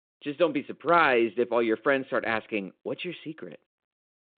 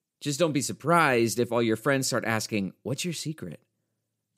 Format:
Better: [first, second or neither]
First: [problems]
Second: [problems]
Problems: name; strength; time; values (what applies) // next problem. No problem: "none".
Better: second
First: phone-call audio; nothing above 4 kHz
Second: none